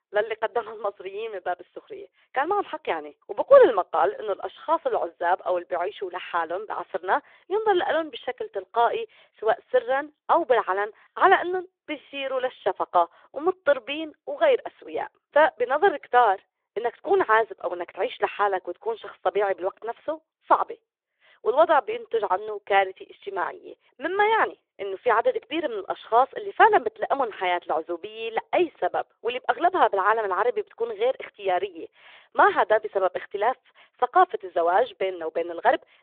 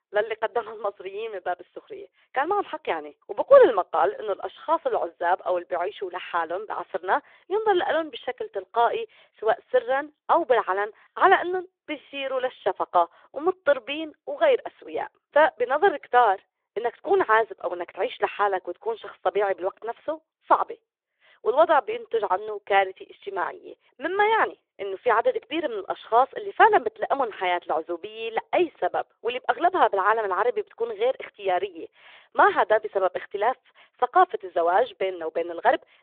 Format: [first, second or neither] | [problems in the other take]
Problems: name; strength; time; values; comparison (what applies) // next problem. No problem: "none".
neither | phone-call audio; the same in both